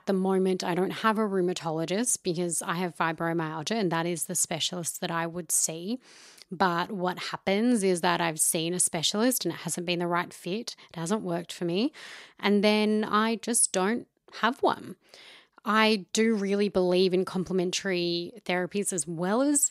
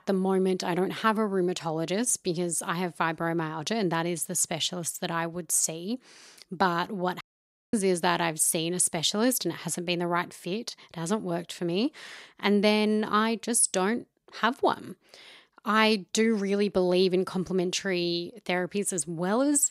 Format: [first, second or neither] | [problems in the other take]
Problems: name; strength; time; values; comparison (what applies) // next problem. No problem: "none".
first | audio cutting out; at 7 s for 0.5 s